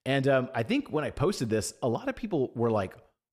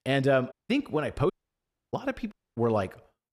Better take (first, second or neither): first